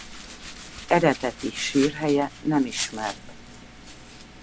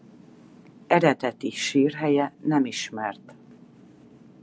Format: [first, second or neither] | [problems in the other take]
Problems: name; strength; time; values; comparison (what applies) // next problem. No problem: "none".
second | background sound (Domestic sounds, home sounds); 13 dB below the speech